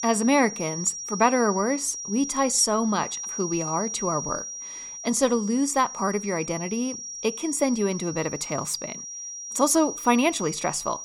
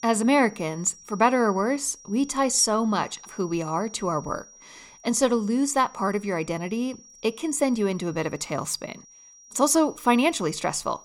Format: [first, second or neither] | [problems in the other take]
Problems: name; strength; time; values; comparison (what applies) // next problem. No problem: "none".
second | high-pitched whine; loud; throughout; 5.5 kHz, 8 dB below the speech; faint in the second